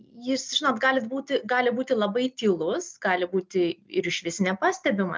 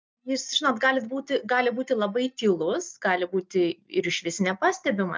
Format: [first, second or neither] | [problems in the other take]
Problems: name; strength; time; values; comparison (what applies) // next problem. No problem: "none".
first | noise reduction (neural mask model DeepFilterNet 3)